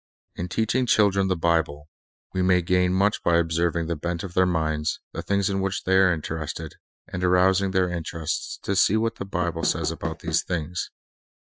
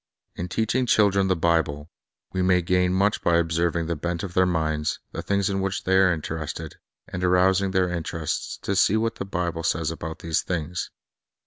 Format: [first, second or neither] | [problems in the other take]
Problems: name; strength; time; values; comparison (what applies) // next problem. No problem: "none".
second | noise reduction (classical method Wiener filter)